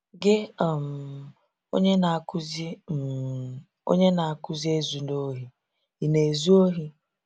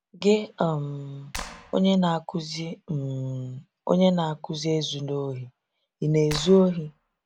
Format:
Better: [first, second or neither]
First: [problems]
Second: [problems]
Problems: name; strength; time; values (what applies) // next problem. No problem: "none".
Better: first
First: none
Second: background sound (Clapping); 14 dB below the speech